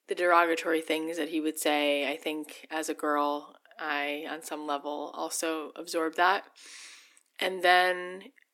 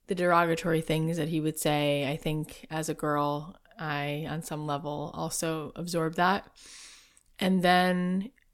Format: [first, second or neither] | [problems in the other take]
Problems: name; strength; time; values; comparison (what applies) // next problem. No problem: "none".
second | thin; somewhat; fading below 300 Hz